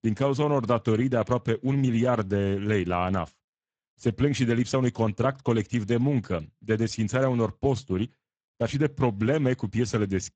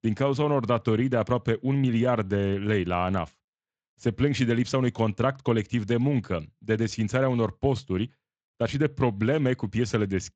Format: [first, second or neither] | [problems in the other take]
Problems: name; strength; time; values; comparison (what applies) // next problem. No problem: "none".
second | garbled, watery; badly; nothing above 7.5 kHz; slightly in the second